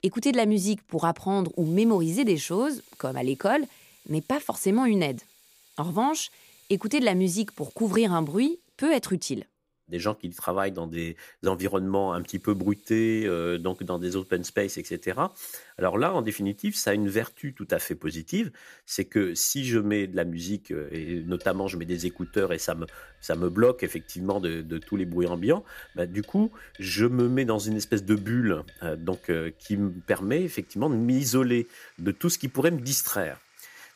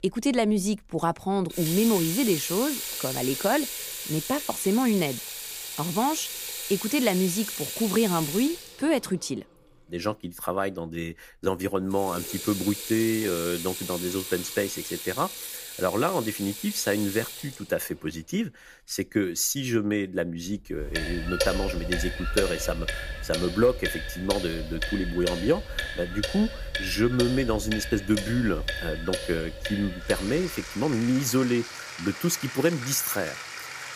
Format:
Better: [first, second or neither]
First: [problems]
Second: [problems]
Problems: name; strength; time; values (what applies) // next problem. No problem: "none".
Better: first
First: household noises; faint; throughout; 25 dB below the speech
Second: household noises; loud; throughout; 5 dB below the speech